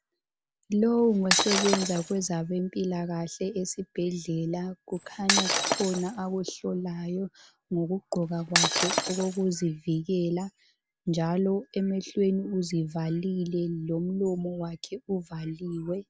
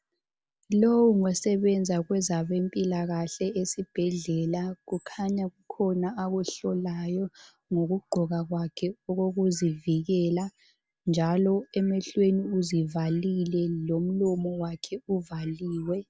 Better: second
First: background sound (Shatter); as loud as the speech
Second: none

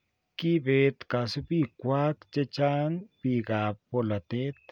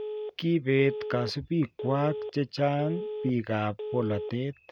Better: first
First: none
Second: background sound (Telephone); 9 dB below the speech

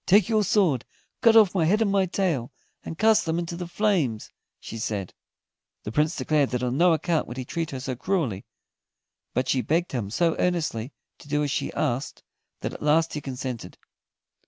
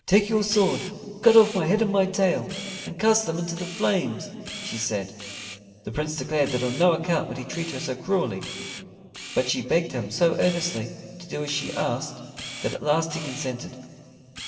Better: first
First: none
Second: background sound (Camera); 16 dB below the speech // room echo; dies away in 2.5 s

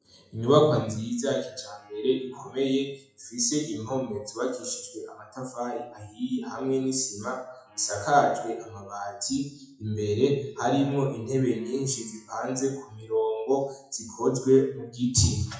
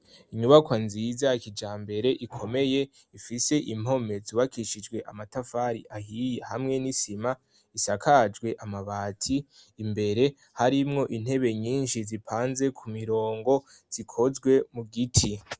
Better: second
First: noise reduction (classical method WPE with log-MMSE)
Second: none

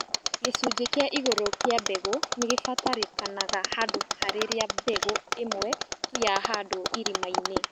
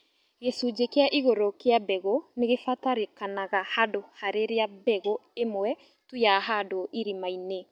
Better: second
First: background sound (Mechanisms); as loud as the speech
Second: none

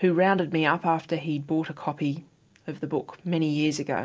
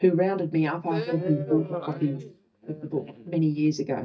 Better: first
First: none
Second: noise reduction (neural mask model DeepFilterNet 3)

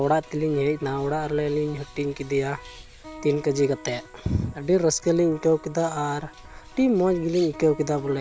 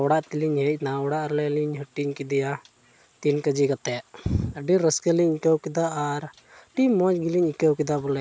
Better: second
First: background sound (Electric guitar + Bird); 19 dB below the speech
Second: none

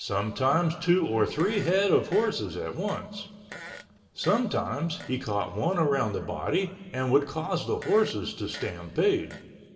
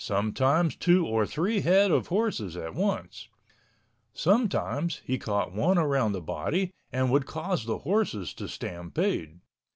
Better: second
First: background sound (Fart); 19 dB below the speech // room echo; dies away in 2.8 s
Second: none

